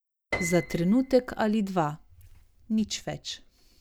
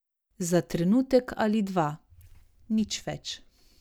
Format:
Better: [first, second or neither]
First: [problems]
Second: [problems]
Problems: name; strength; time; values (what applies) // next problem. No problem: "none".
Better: second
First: background sound (Piano); 11 dB below the speech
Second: none